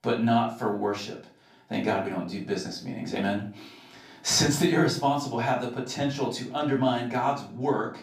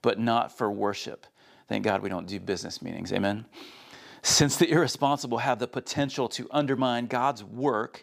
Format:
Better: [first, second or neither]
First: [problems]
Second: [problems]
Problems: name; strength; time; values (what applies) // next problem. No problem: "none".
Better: second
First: room echo; slight; dies away in 0.4 s // off-mic speech; far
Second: none